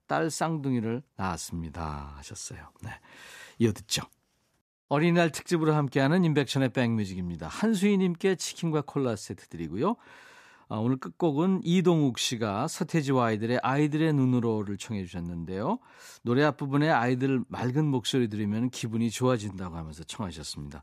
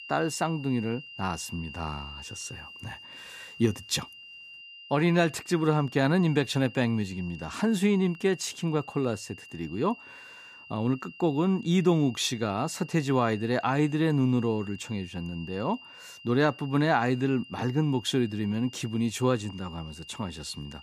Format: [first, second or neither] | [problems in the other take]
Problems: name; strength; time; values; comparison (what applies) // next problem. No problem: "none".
first | high-pitched whine; noticeable; throughout; 3 kHz, 15 dB below the speech